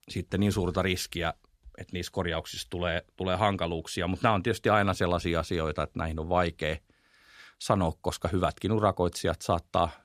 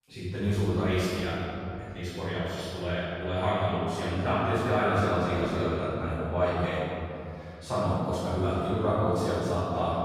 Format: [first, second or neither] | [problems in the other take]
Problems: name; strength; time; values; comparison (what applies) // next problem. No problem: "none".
first | off-mic speech; far // room echo; strong; dies away in 2.7 s